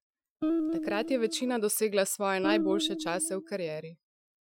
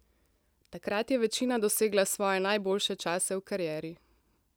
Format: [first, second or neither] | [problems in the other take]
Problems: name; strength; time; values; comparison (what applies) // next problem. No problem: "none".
second | noise reduction (classical method Wiener filter)